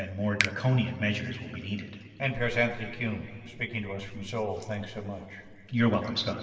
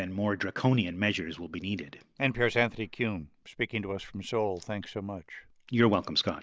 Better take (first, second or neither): second